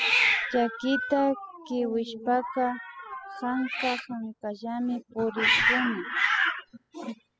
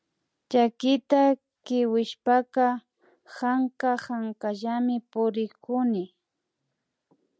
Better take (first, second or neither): second